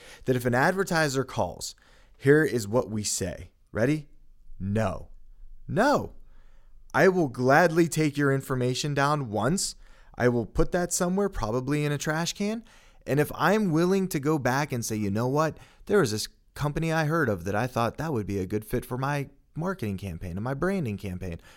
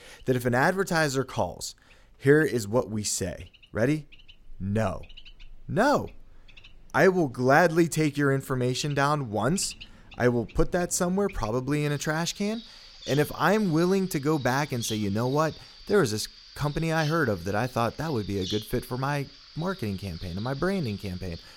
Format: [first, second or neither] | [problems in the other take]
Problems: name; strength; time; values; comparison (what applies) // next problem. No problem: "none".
first | animal sounds; noticeable; throughout; 20 dB below the speech